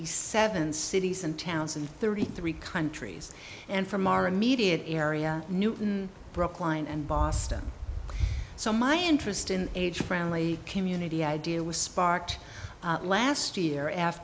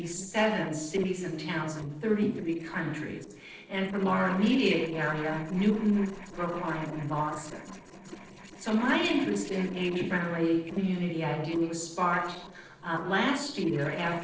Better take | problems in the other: first | noise reduction (neural separator model SepFormer DNS4)

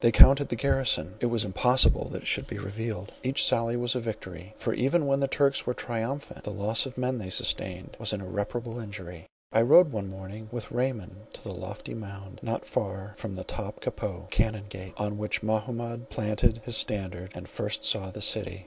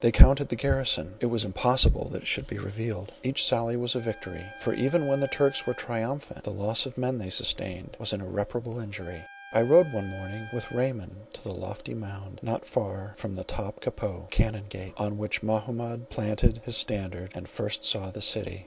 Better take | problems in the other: first | background sound (Trumpet); 20 dB below the speech

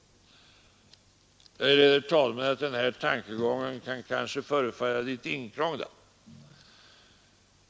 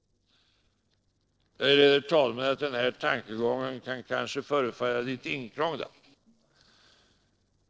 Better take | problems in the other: first | noise reduction (neural separator model SepFormer DNS4)

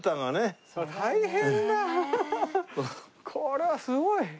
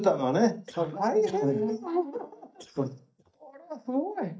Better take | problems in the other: first | noise reduction (neural mask model DeepFilterNet 3)

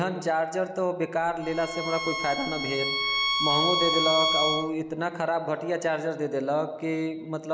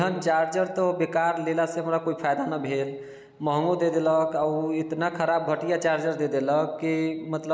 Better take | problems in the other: second | background sound (Bowed string instrument); as loud as the speech

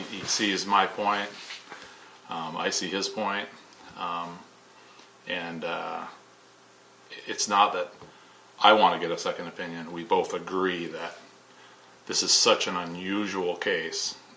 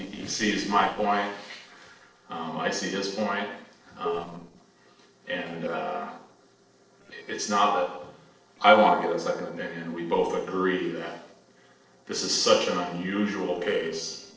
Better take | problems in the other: first | noise reduction (neural separator model SepFormer DNS4)

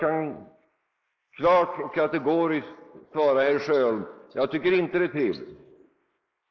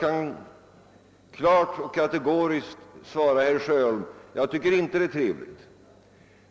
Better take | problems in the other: second | noise reduction (neural mask model Resemble Enhance denoiser)

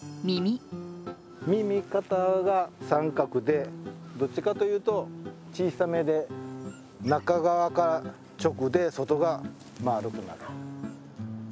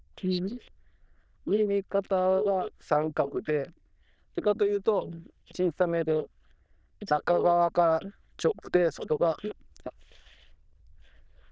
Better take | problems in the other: first | noise reduction (neural diffusion model UNIVERSE++)

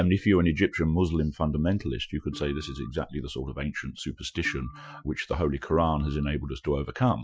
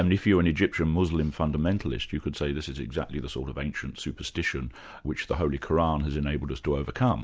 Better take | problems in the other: second | noise reduction (classical method Wiener filter)

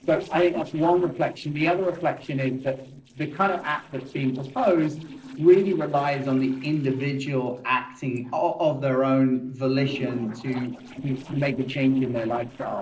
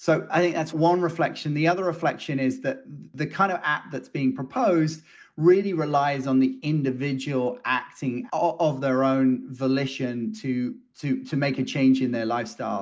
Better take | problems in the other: second | noise reduction (neural separator model SepFormer DNS4)

